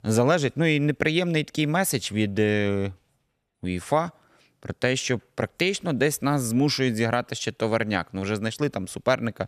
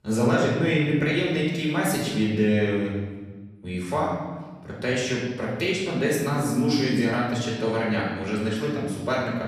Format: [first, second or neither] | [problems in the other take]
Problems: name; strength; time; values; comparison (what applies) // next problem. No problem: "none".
first | off-mic speech; far // room echo; noticeable; dies away in 1.3 s